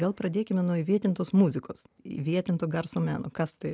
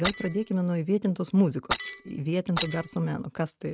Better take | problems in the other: first | noise reduction (neural mask model RNNoise)

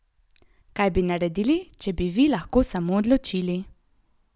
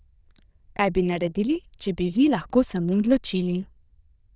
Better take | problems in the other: first | noise reduction (neural diffusion model UNIVERSE++)

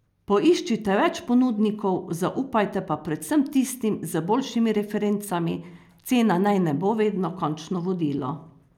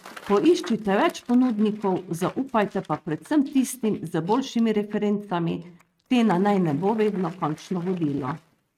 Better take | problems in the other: first | noise reduction (neural mask model RNNoise)

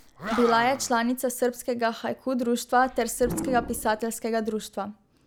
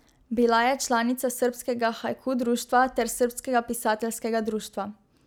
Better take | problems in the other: second | background sound (Animal); 12 dB below the speech

